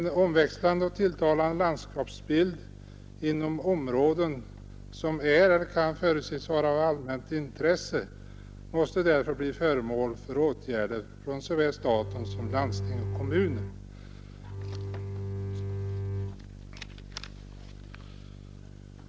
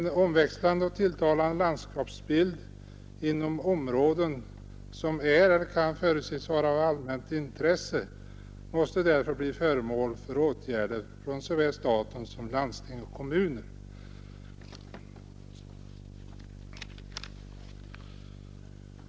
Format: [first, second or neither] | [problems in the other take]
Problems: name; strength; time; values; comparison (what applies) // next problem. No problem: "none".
second | background sound (Bowed string instrument); 6 dB below the speech